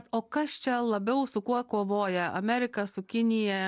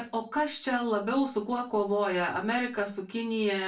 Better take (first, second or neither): first